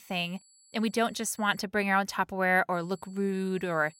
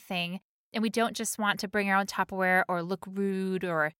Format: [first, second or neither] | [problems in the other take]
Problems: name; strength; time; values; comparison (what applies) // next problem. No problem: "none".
second | high-pitched whine; faint; until 1.5 s and from 2.5 s on; 7.5 kHz, 30 dB below the speech